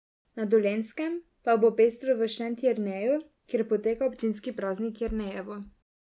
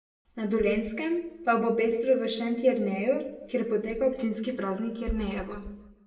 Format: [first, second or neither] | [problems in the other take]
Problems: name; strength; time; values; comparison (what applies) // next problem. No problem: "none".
first | background sound (Run); 17 dB below the speech // room echo; dies away in 0.6 s